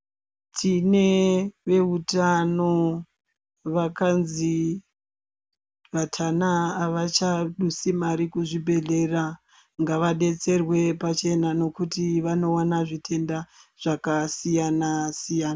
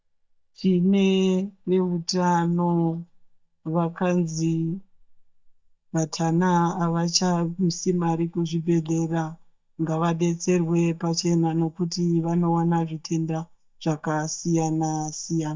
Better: first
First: none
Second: noise reduction (neural mask model DeepFilterNet 3)

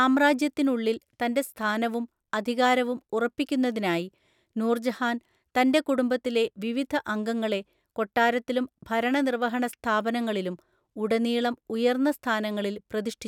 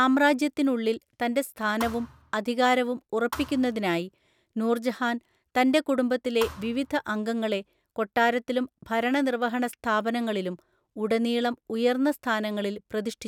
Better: first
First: none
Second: background sound (Thump, thud); 16 dB below the speech

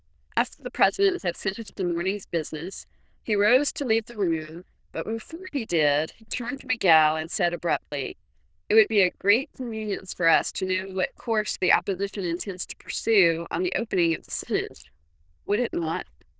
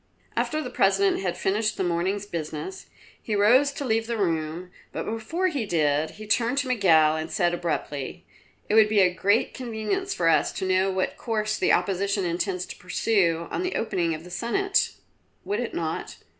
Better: second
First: noise reduction (neural diffusion model UNIVERSE++)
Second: none

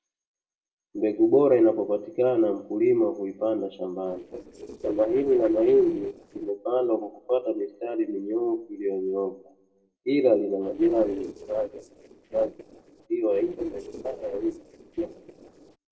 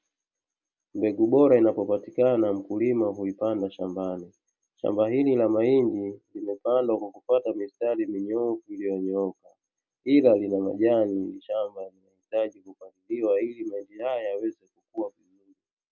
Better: second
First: noise reduction (neural separator model SepFormer DNS4)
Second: none

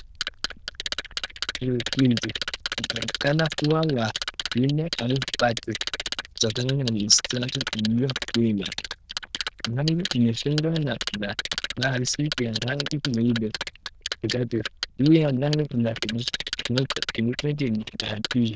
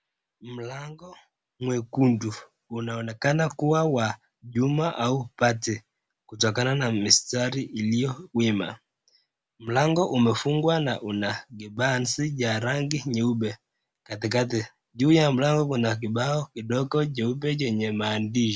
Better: second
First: noise reduction (neural diffusion model UNIVERSE++)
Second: none

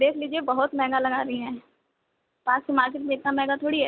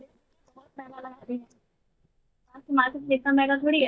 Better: first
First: none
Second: noise reduction (neural mask model DeepFilterNet 3)

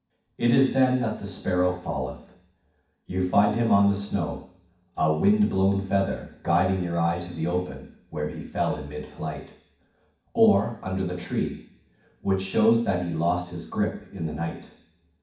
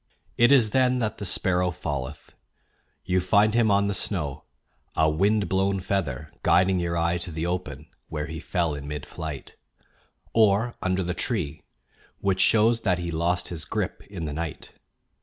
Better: second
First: room echo; dies away in 0.6 s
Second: none

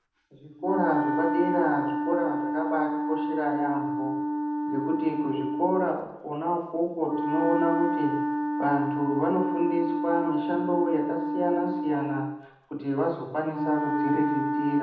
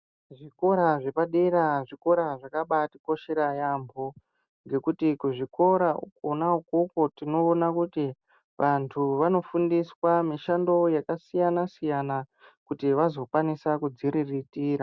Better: second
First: background sound (Wind instrument, woodwind instrument); as loud as the speech // room echo; dies away in 0.8 s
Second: none

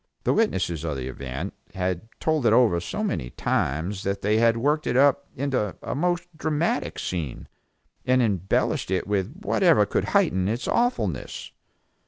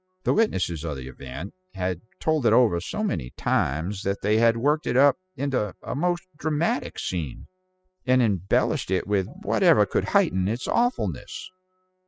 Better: first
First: none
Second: noise reduction (classical method spectral subtraction)

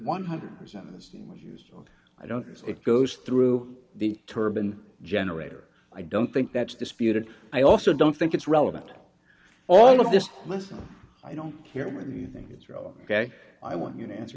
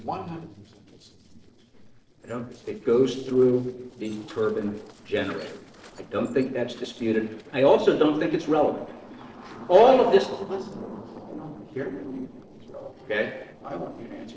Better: first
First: none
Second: noise reduction (neural separator model SepFormer DNS4)

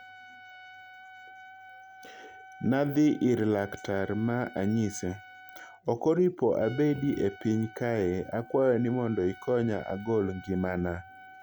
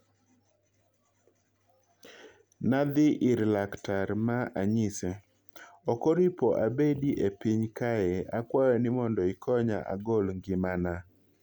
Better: second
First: background sound (Trumpet); 20 dB below the speech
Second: none

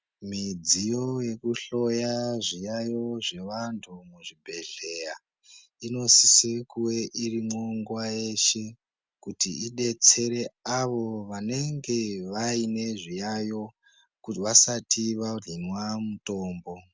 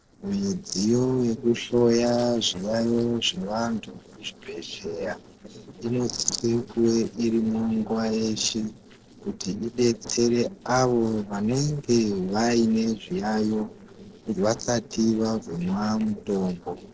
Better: first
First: none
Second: noise reduction (neural separator model SepFormer DNS4)

